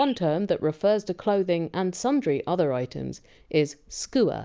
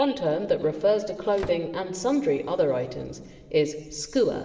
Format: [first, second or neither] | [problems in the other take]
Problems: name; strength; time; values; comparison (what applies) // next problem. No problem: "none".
first | background sound (Squeak / Slam / Wood); 17 dB below the speech // room echo; dies away in 2.7 s